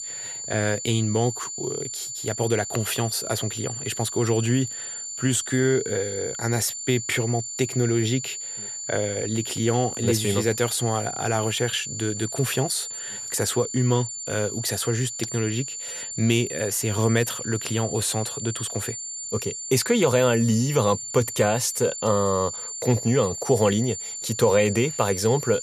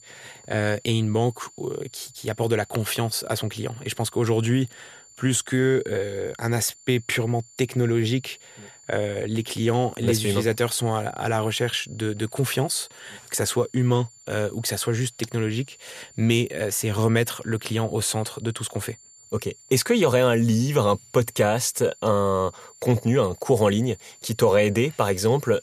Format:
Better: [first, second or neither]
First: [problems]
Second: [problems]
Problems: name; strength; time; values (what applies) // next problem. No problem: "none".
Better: second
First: high-pitched whine; loud; throughout; 7 kHz, 6 dB below the speech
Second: high-pitched whine; faint; throughout; 7 kHz, 25 dB below the speech